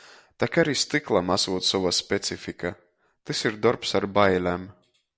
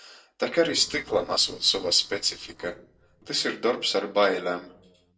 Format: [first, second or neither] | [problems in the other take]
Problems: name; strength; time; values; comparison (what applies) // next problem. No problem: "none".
first | noise reduction (neural separator model SepFormer DNS4)